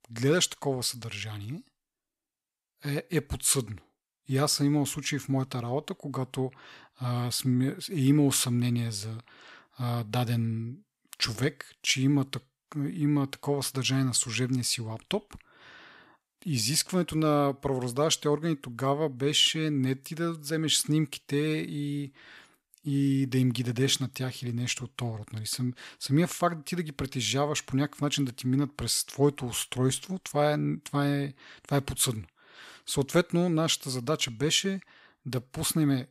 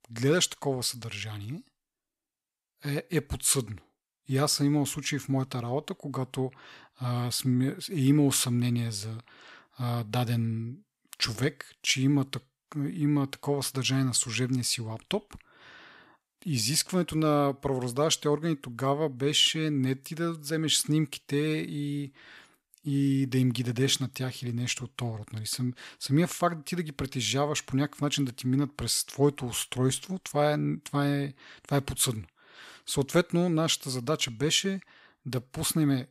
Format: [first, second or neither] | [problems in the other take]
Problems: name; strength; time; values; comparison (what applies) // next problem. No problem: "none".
neither | none